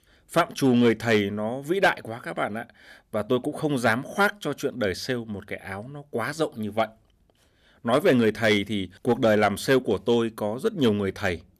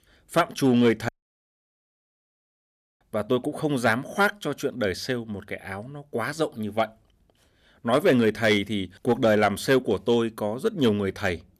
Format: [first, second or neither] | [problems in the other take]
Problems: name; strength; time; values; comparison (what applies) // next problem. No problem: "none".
first | audio cutting out; at 1 s for 2 s